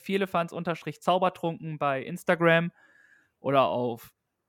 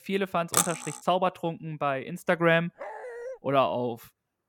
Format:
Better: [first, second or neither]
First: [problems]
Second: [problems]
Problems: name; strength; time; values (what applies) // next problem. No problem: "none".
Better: first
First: none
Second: clattering dishes; loud; at 0.5 s; peak 2 dB above the speech // dog barking; faint; at 3 s; peak 10 dB below the speech